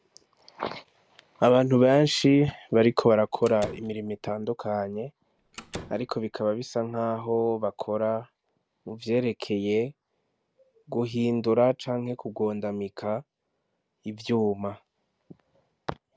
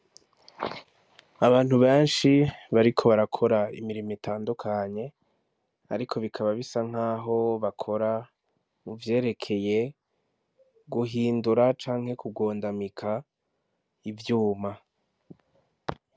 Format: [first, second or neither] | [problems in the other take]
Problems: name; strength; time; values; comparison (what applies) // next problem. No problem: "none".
second | background sound (Slam); 17 dB below the speech